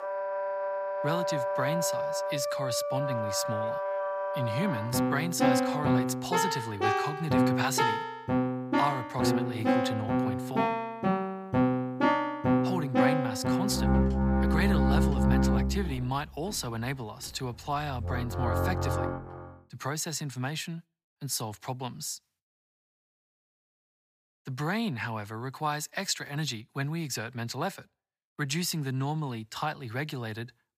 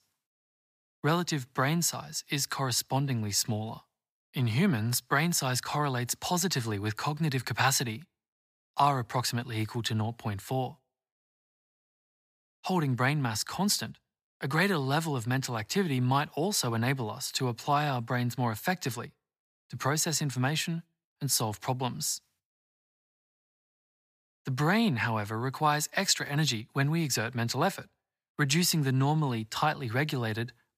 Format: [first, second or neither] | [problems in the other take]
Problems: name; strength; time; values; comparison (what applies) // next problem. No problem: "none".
second | background music; very loud; until 19 s; 5 dB above the speech